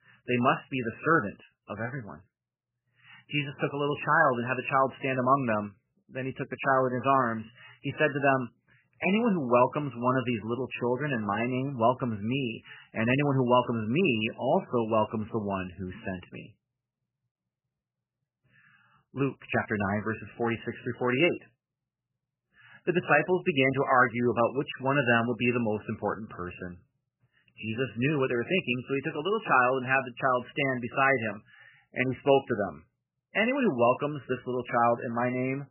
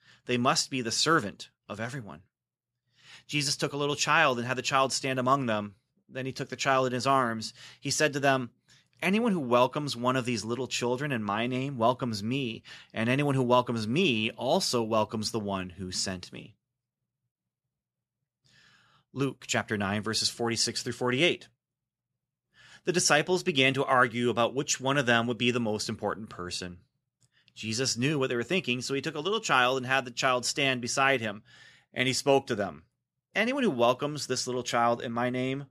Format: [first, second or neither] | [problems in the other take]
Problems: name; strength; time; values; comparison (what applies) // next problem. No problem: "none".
second | garbled, watery; badly; nothing above 3 kHz